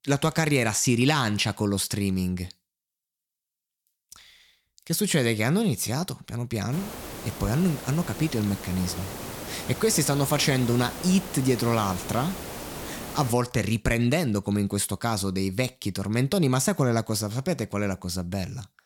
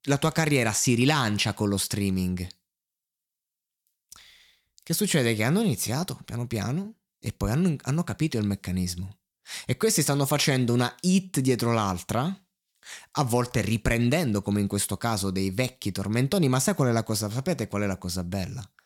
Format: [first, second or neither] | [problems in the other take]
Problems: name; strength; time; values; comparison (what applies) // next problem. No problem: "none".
second | hiss; noticeable; from 6.5 to 13 s; 10 dB below the speech